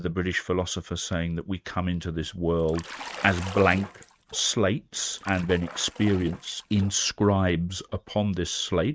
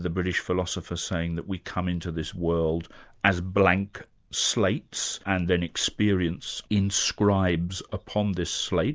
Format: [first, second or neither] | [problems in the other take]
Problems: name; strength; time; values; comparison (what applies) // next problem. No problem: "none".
second | noise reduction (neural mask model RNNoise)